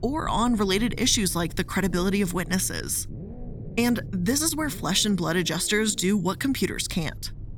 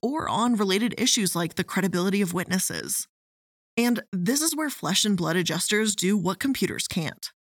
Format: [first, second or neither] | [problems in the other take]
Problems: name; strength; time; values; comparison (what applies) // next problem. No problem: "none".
second | low rumble; faint; throughout; 20 dB below the speech